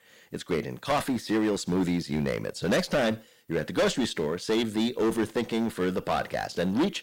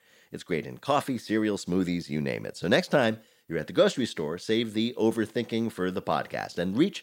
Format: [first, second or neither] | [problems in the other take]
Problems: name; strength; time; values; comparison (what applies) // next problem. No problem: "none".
second | distortion; heavy; 11% of the sound clipped